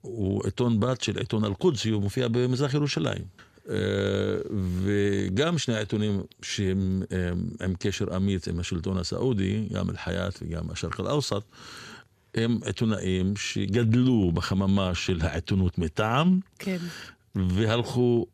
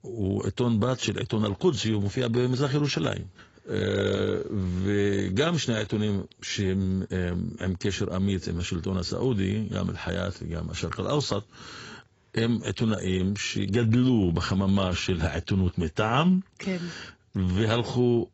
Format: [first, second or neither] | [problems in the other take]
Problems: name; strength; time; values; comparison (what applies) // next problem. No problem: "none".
first | garbled, watery; badly; nothing above 7.5 kHz